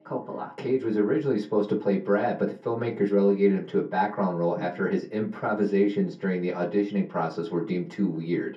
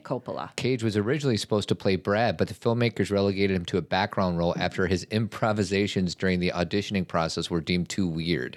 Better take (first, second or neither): second